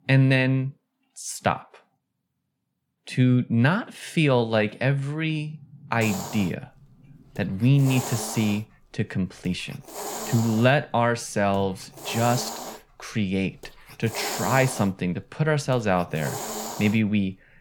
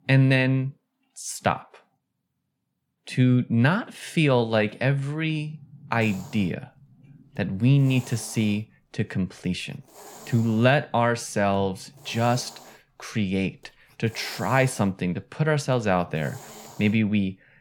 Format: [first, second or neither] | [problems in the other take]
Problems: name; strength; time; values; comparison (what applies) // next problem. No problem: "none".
second | hiss; loud; from 6 s on; 9 dB below the speech; faint in the second